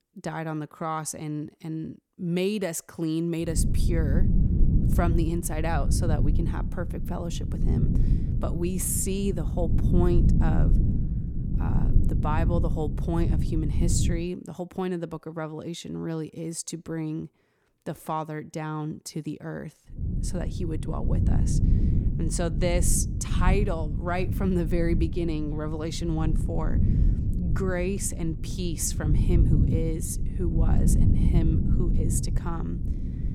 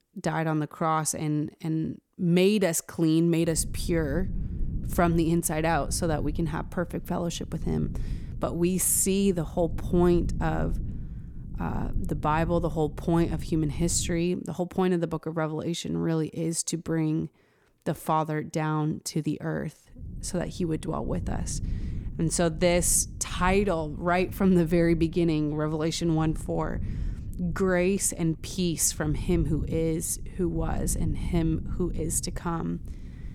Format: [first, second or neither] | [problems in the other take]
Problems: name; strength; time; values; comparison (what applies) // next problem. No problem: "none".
second | low rumble; loud; from 3.5 to 14 s and from 20 s on; 6 dB below the speech; faint in the second